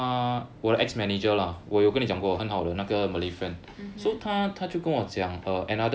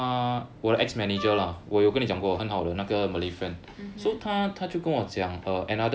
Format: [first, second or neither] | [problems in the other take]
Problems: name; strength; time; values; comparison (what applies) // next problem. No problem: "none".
first | background sound (Wind instrument, woodwind instrument); 11 dB below the speech